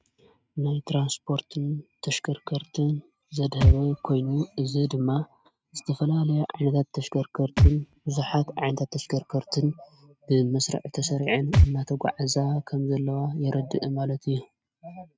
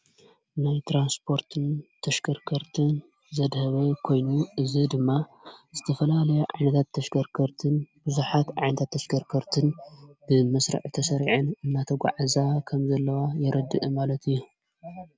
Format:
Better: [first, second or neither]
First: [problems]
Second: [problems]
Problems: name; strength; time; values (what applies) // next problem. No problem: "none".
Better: second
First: noise reduction (neural mask model RNNoise)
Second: none